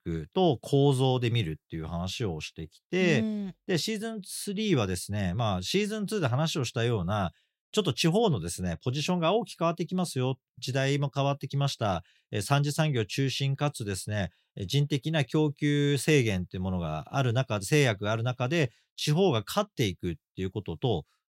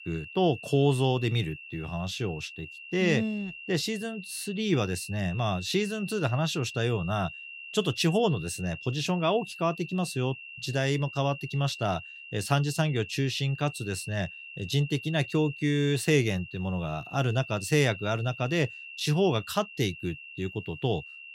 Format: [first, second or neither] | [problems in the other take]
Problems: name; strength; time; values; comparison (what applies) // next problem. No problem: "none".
first | high-pitched whine; noticeable; throughout; 2.5 kHz, 15 dB below the speech